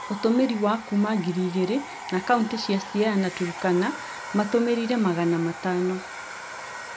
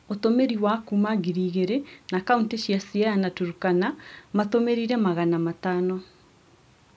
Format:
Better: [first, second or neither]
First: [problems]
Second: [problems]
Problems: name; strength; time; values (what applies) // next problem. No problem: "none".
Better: second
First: background sound (Domestic sounds, home sounds); 12 dB below the speech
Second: none